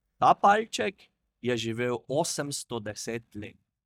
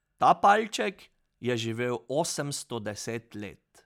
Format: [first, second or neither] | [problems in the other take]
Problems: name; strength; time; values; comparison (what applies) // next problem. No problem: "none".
second | noise reduction (neural mask model DeepFilterNet 3)